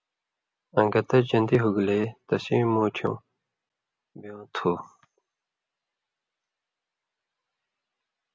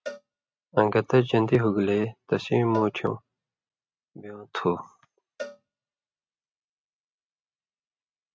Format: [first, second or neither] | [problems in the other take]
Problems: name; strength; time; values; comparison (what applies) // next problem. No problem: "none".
first | noise reduction (neural mask model RNNoise)